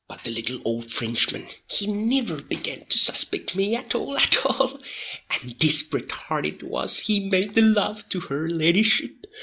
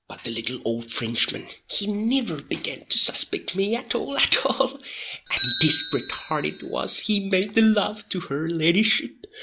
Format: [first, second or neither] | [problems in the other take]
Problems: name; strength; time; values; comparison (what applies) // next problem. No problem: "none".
first | background sound (Bicycle); 15 dB below the speech